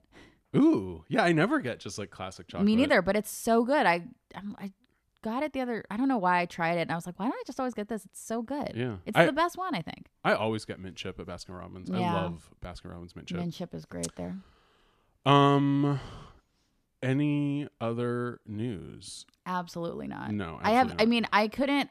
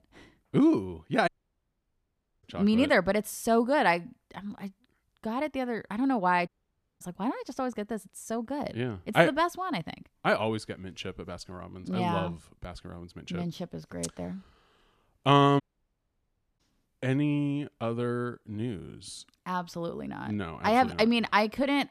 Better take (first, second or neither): first